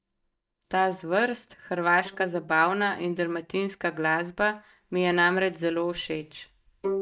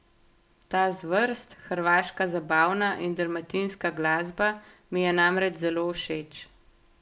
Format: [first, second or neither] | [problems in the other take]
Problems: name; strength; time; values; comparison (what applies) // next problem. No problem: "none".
second | noise reduction (neural mask model DeepFilterNet 3)